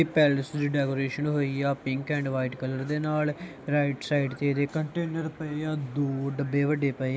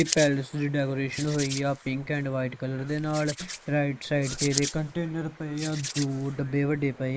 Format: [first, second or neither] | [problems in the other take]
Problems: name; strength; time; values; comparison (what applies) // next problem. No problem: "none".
first | noise reduction (neural mask model Resemble Enhance denoiser)